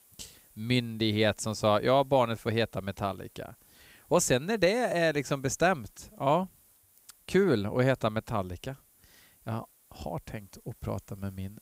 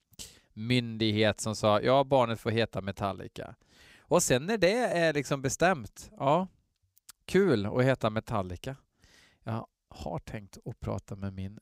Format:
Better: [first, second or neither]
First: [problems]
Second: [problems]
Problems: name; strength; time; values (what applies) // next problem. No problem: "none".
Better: second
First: hiss; faint; throughout; 30 dB below the speech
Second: none